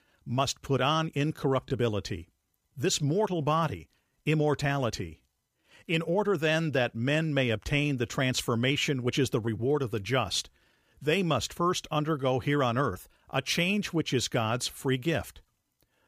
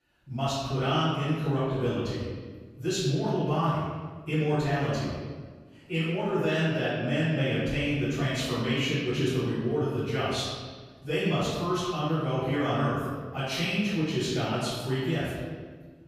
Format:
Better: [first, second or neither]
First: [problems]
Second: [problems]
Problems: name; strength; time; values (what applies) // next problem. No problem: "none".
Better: first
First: none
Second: off-mic speech; far // room echo; strong; dies away in 1.4 s